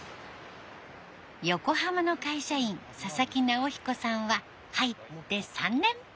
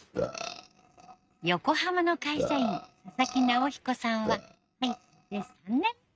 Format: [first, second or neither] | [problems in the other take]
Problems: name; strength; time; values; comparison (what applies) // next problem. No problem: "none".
first | noise reduction (neural mask model RNNoise)